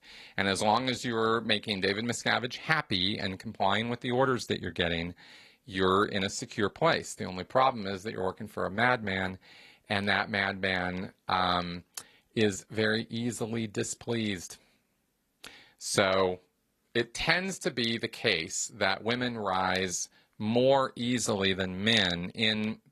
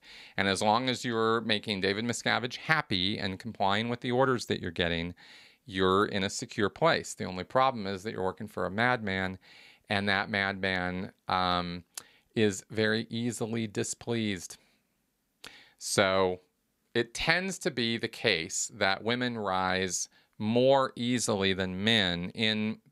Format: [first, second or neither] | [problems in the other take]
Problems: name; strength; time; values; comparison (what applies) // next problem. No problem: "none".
second | garbled, watery; slightly